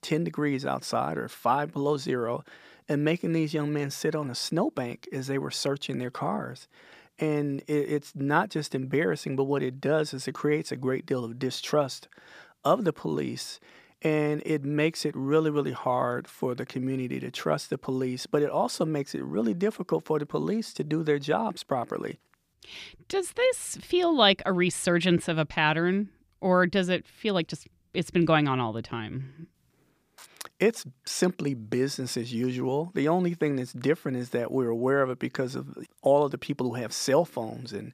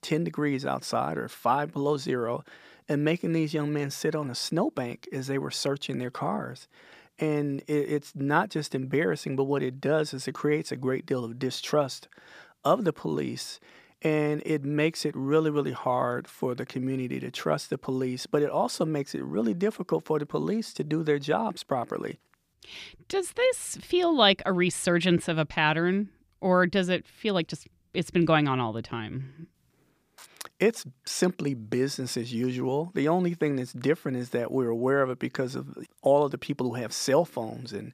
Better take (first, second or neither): neither